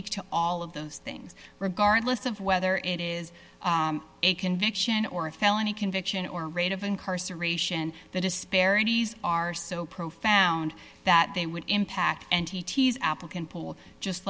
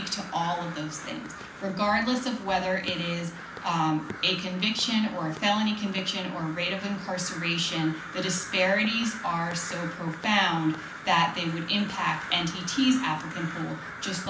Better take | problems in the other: first | background sound (Crow); 12 dB below the speech // room echo; dies away in 0.4 s

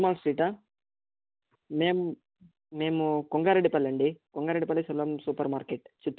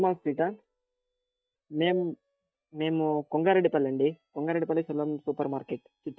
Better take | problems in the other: first | noise reduction (neural mask model DeepFilterNet 3)

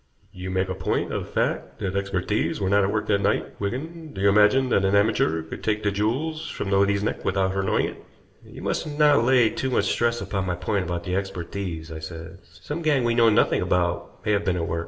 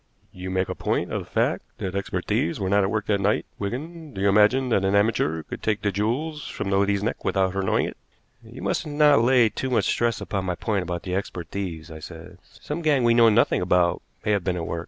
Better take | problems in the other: second | room echo; dies away in 0.9 s

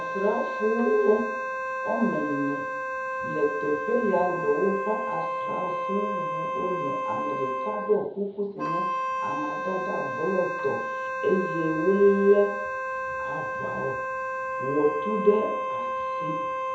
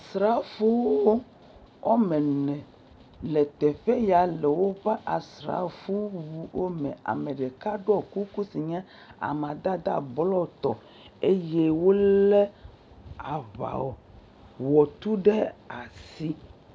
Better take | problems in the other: second | background sound (Wind instrument, woodwind instrument); 3 dB below the speech // room echo; dies away in 0.7 s

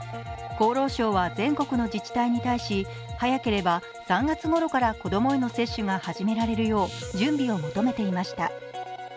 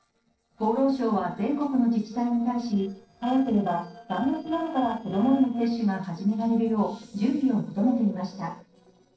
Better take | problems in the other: first | noise reduction (neural separator model SepFormer DNS4)

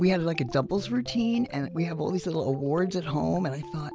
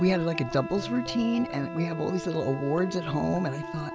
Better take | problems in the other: first | background sound (Wind instrument, woodwind instrument); 11 dB below the speech

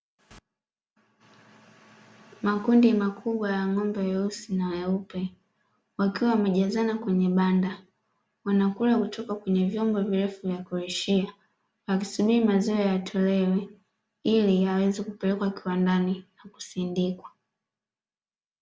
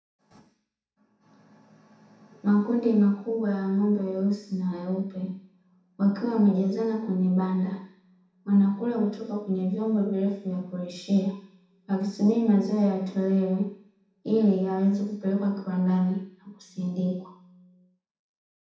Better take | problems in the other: first | room echo; dies away in 0.7 s

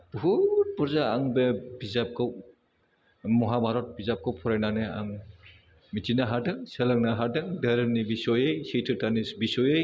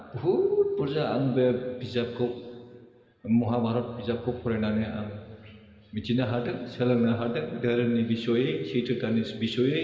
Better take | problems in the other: first | room echo; dies away in 2.1 s

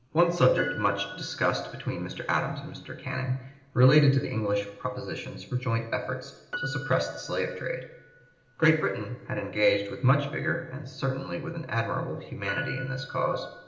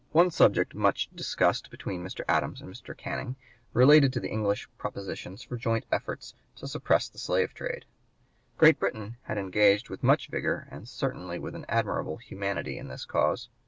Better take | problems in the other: second | background sound (Piano); 16 dB below the speech // room echo; dies away in 0.8 s

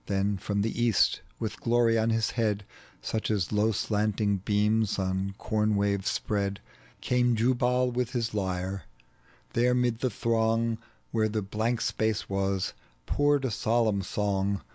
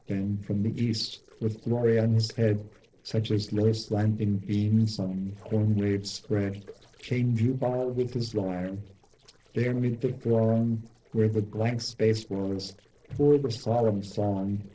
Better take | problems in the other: first | noise reduction (neural separator model SepFormer DNS4)

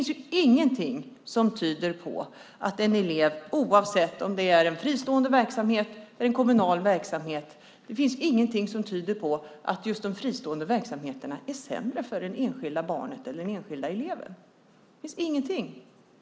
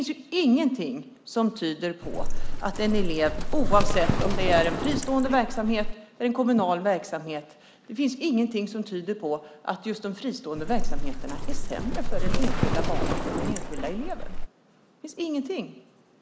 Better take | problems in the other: first | background sound (Livestock, farm animals, working animals); 4 dB above the speech

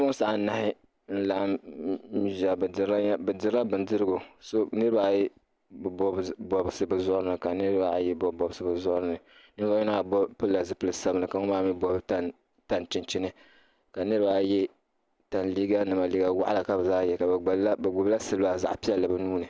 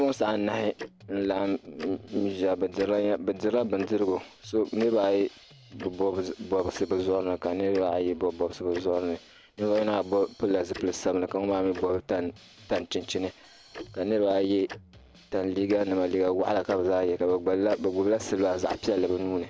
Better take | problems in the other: first | background sound (Tick-tock + Drum kit); 19 dB below the speech

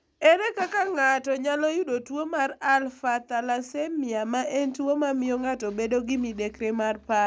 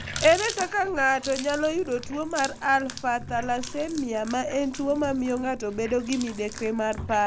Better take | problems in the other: first | background sound (Water tap, faucet); 12 dB below the speech

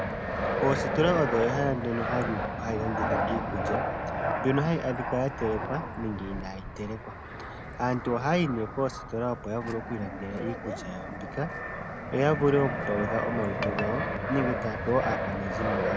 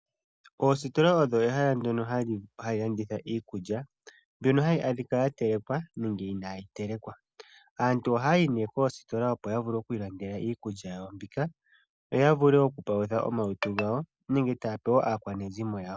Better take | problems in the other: second | background sound (Fixed-wing aircraft, airplane); 2 dB below the speech

